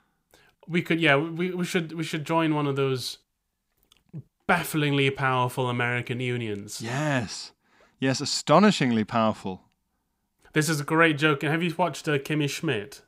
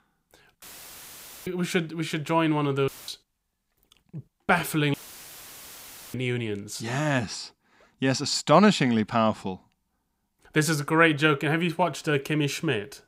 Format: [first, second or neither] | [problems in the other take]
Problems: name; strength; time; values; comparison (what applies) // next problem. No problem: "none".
first | audio cutting out; filled with static; at 0.5 s for 1 s, at 3 s and at 5 s for 1 s